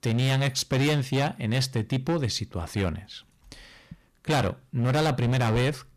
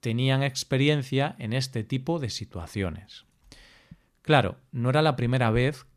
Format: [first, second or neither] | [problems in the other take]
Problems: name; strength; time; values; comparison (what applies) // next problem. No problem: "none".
second | distortion; heavy; 15% of the sound clipped